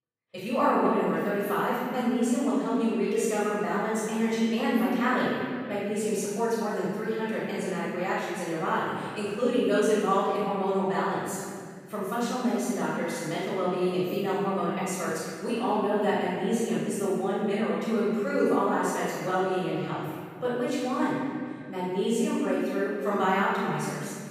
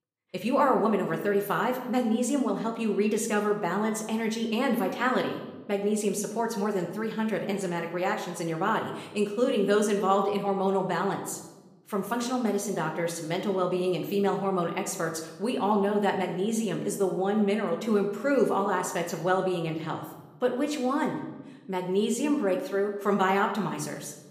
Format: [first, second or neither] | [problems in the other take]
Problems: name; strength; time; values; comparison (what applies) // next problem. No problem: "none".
second | room echo; strong; dies away in 2.1 s; slight in the second // off-mic speech; far